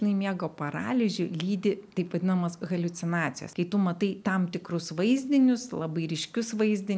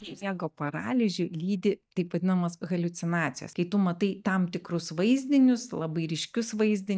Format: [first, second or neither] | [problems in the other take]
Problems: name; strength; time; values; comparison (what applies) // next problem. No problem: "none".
first | noise reduction (neural mask model DeepFilterNet 3)